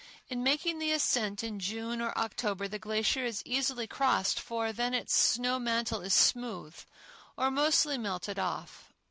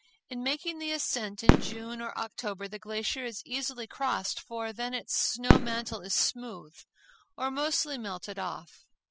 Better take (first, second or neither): first